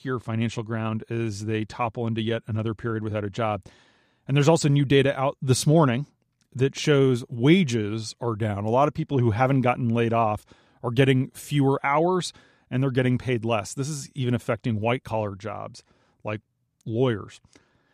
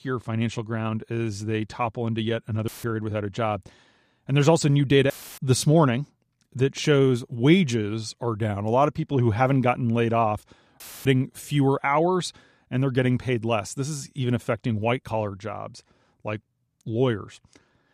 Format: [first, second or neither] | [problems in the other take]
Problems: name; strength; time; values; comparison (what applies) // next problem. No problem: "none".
first | audio cutting out; filled with static; at 2.5 s, at 5 s and at 11 s